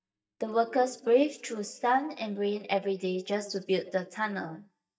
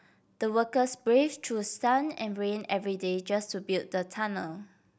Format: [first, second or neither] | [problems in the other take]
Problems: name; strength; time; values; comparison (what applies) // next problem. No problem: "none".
second | noise reduction (neural mask model DeepFilterNet 3)